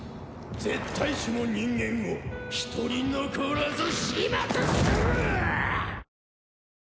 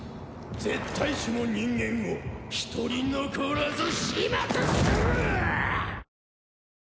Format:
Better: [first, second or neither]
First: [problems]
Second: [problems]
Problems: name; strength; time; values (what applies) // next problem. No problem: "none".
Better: second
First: background sound (Wind instrument, woodwind instrument); 16 dB below the speech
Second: none